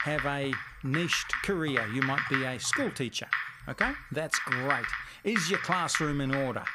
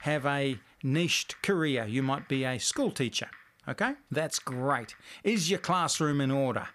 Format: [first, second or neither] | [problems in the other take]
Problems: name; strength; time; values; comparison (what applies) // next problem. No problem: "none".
second | household noises; loud; throughout; as loud as the speech; faint in the second